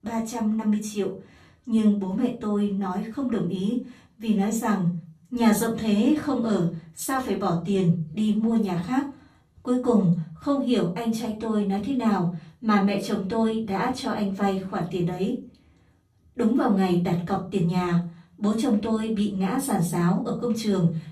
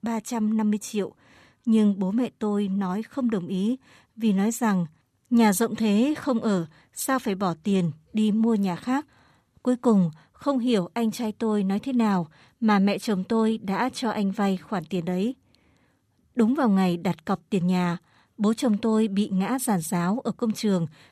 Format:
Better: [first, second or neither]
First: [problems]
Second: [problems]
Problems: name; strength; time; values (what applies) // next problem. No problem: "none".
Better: second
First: off-mic speech; far // room echo; slight; dies away in 0.4 s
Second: none